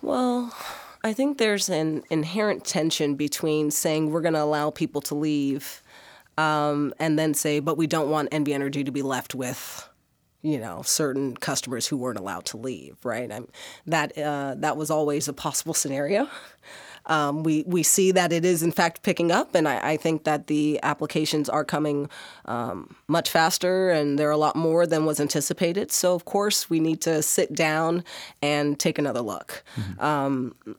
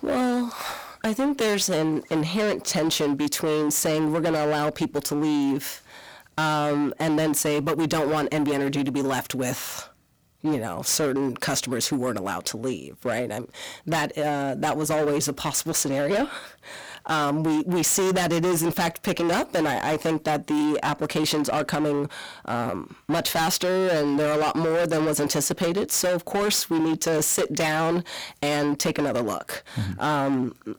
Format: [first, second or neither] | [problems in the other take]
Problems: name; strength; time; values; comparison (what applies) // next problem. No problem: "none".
first | distortion; heavy; 21% of the sound clipped